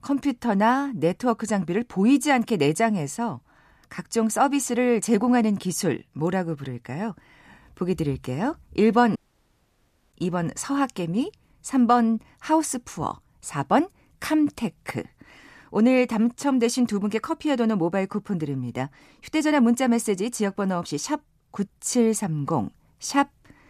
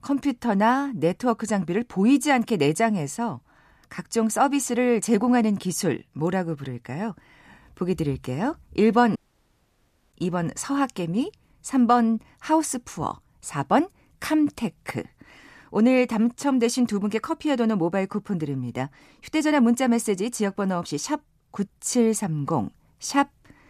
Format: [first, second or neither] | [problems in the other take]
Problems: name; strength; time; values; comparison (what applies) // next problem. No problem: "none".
neither | audio cutting out; at 9 s for 1 s; the same in both